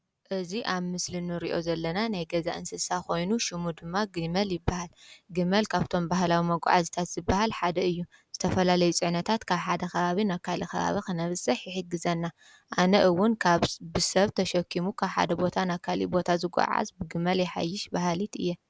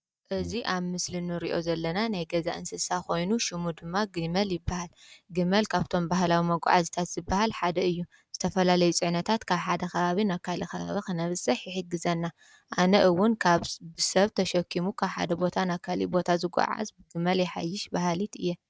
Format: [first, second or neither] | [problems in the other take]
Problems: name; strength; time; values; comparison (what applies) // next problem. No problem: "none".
first | noise reduction (neural mask model DeepFilterNet 3)